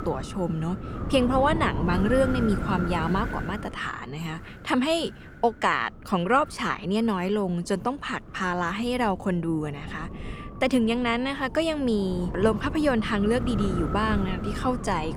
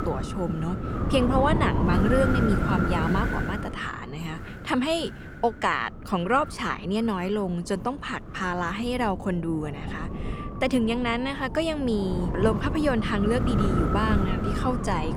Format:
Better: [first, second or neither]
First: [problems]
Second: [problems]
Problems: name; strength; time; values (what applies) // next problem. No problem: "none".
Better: first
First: wind noise on the microphone; occasional gusts; 10 dB below the speech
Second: wind noise on the microphone; heavy; 5 dB below the speech